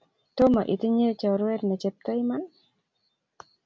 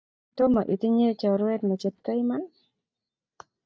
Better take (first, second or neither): first